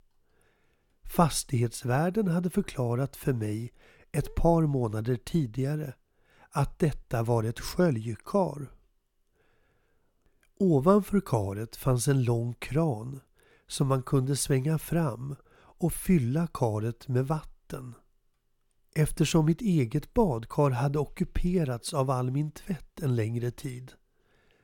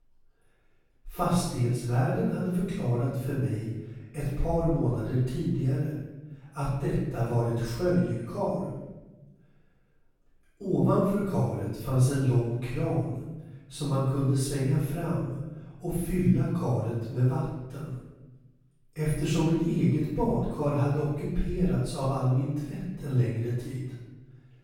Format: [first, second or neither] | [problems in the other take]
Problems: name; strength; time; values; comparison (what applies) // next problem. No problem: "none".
first | off-mic speech; far // room echo; strong; dies away in 1 s